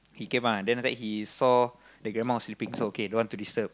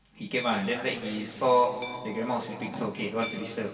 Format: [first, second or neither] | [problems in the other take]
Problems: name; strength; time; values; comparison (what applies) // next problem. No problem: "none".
first | background sound (Hammer); 18 dB below the speech // room echo; dies away in 2.6 s